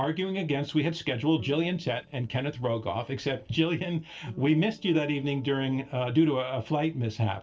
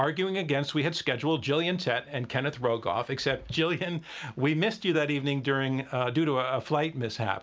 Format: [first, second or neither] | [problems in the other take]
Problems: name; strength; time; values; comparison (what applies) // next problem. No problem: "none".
second | noise reduction (neural separator model SepFormer DNS4)